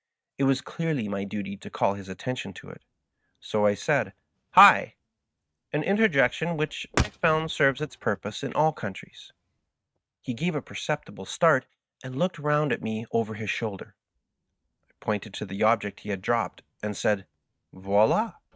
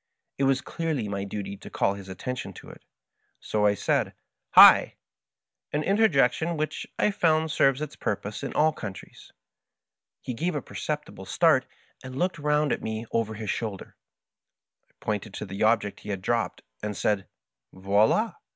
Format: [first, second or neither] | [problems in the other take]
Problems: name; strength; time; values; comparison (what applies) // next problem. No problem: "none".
second | noise reduction (neural mask model RNNoise)